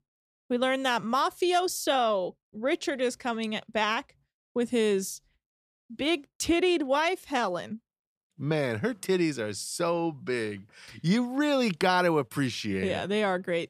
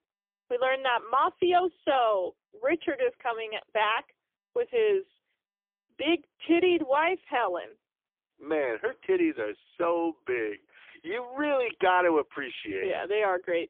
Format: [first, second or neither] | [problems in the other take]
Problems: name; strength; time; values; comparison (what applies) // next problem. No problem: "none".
first | phone-call audio; poor line; nothing above 3.5 kHz